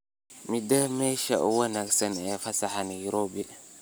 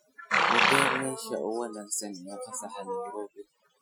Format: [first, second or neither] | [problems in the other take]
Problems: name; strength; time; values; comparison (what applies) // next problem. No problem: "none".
first | noise reduction (classical method Wiener filter)